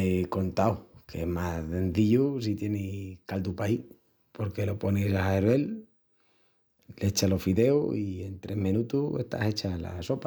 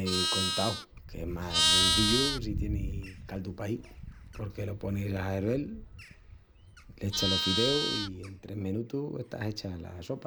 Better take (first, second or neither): first